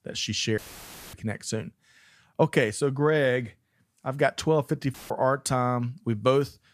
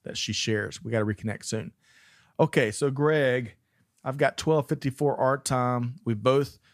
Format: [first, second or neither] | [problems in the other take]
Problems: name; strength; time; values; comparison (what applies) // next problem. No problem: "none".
second | audio cutting out; filled with static; at 0.5 s for 0.5 s and at 5 s